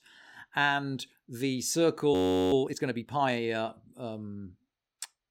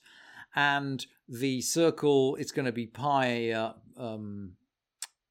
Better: second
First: audio freezing; at 2 s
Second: none

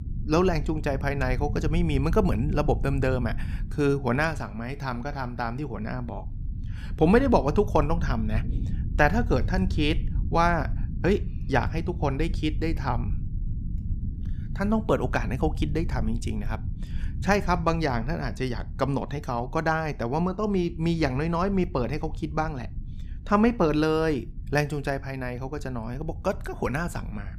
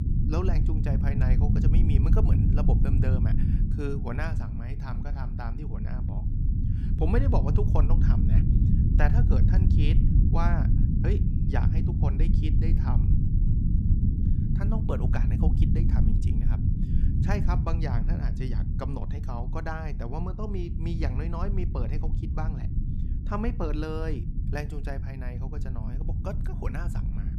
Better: first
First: low rumble; faint; throughout; 20 dB below the speech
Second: low rumble; loud; throughout; 2 dB below the speech

